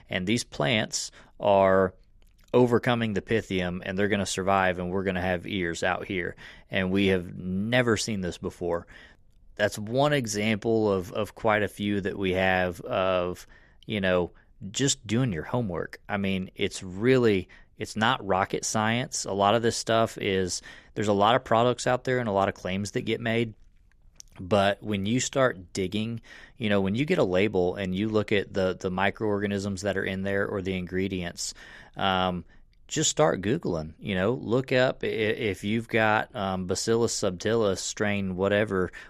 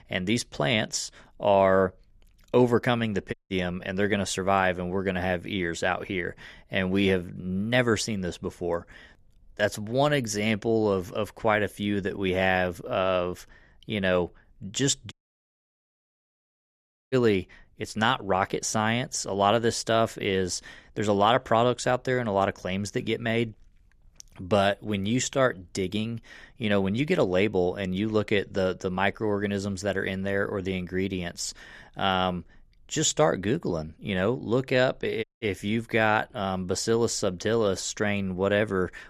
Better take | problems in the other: first | audio cutting out; at 3.5 s, at 15 s for 2 s and at 35 s

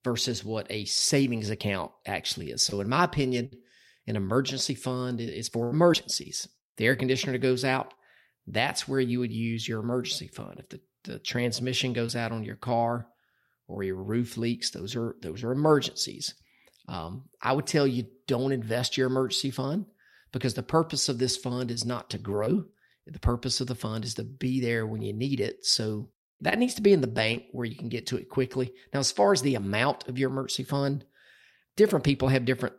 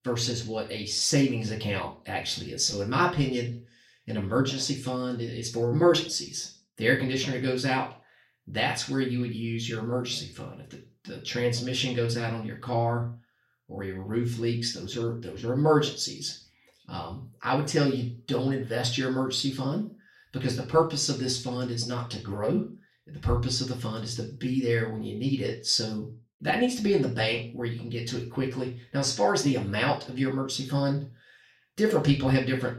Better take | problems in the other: first | room echo; slight; dies away in 0.3 s // off-mic speech; far

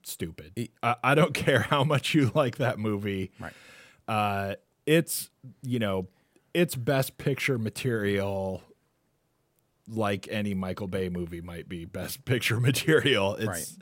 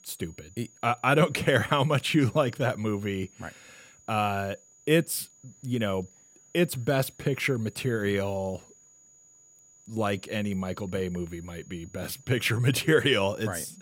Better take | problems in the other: first | high-pitched whine; faint; throughout; 7 kHz, 25 dB below the speech

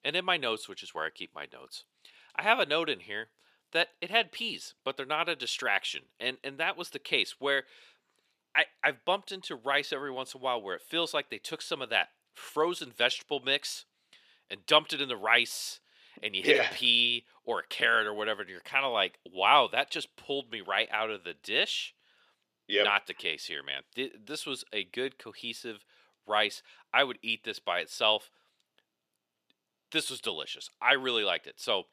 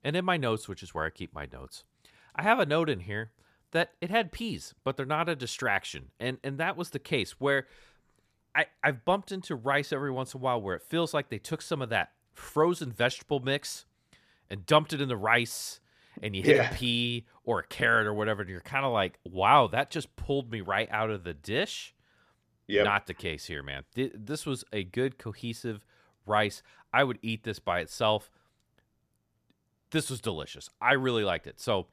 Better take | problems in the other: second | thin; somewhat; fading below 350 Hz

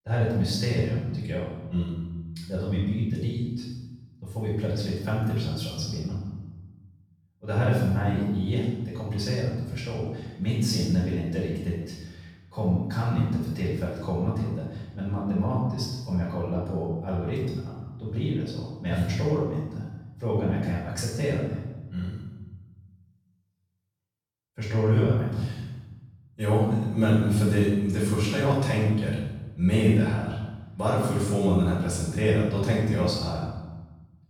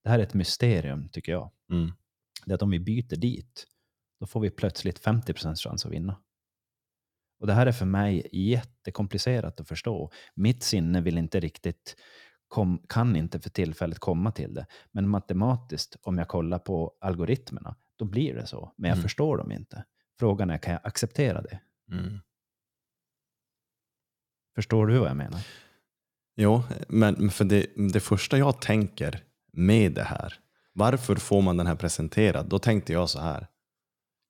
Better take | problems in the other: second | off-mic speech; far // room echo; strong; dies away in 1 s

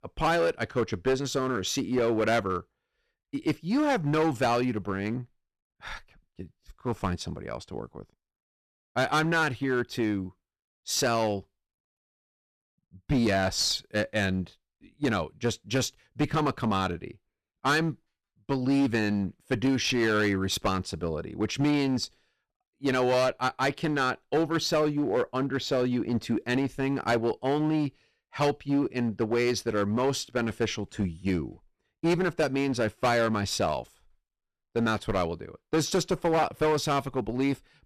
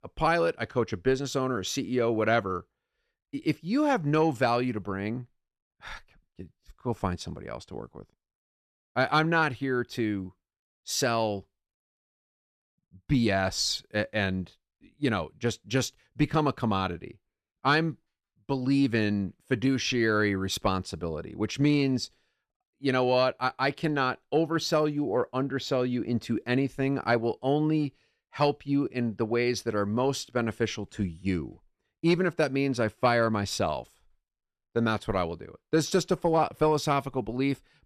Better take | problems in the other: second | distortion; slight; 8% of the sound clipped

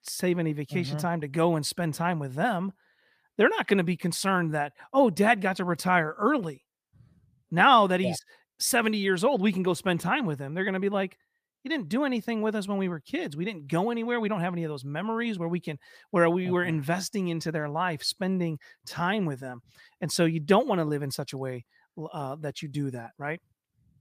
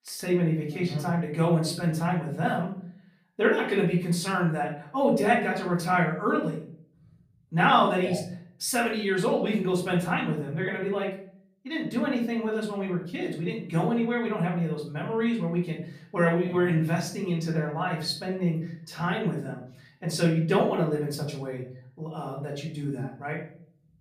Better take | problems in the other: first | room echo; slight; dies away in 0.5 s // off-mic speech; far

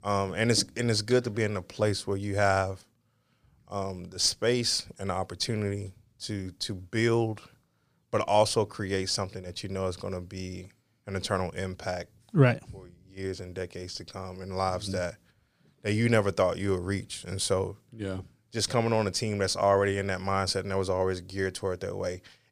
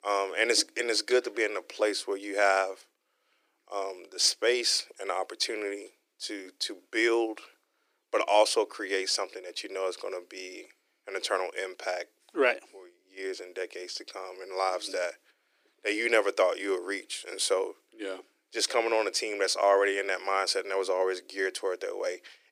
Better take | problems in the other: first | thin; very; fading below 300 Hz

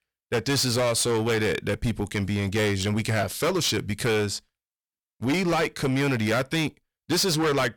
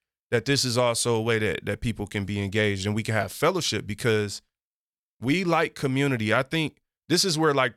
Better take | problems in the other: second | distortion; heavy; 18% of the sound clipped

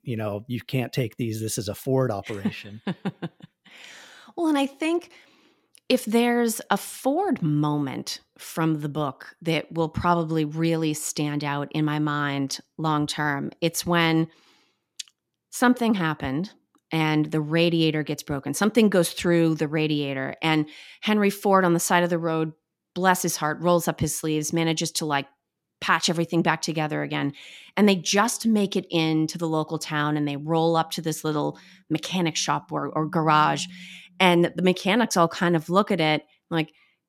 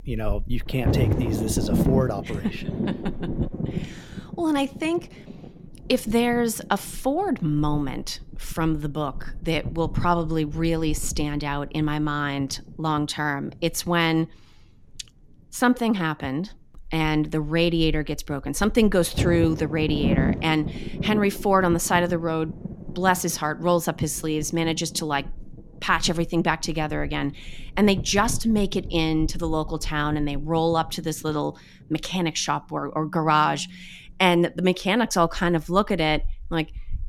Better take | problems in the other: first | wind noise on the microphone; occasional gusts; 15 dB below the speech

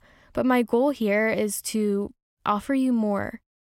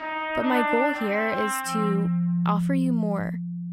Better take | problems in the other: first | background music; very loud; throughout; 1 dB above the speech

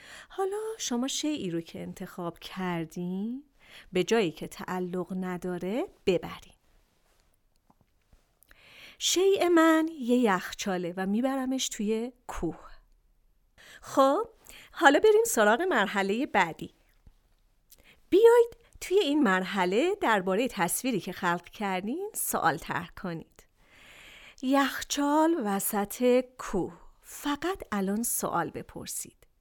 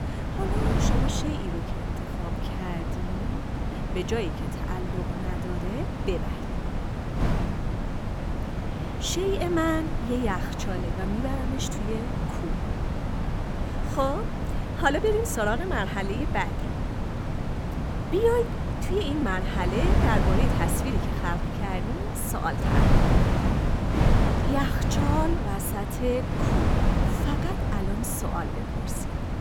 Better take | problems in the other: first | wind noise on the microphone; heavy; 3 dB below the speech

